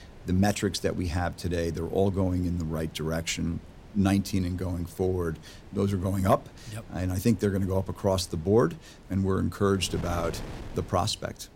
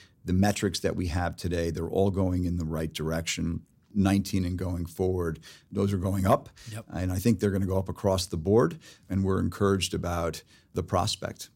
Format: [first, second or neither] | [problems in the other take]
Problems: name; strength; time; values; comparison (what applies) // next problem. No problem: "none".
second | wind noise on the microphone; occasional gusts; 20 dB below the speech